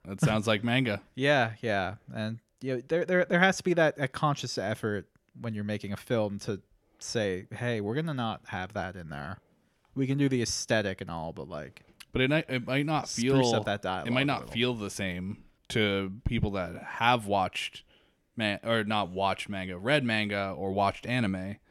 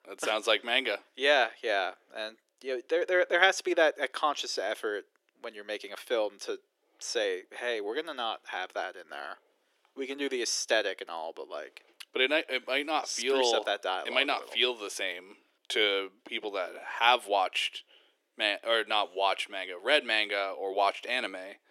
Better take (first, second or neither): first